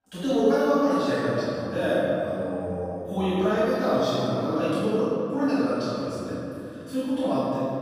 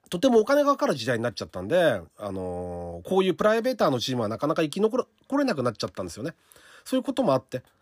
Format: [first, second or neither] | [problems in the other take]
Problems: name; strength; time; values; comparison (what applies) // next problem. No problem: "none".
second | off-mic speech; far // room echo; strong; dies away in 2.6 s